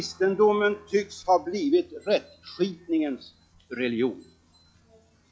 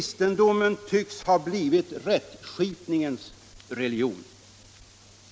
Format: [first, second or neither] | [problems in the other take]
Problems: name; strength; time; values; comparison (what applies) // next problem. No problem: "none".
second | noise reduction (classical method log-MMSE)